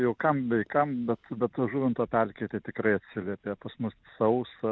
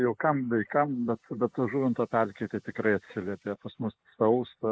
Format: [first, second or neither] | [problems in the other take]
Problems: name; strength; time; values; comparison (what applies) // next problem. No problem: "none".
first | noise reduction (neural mask model Resemble Enhance denoiser)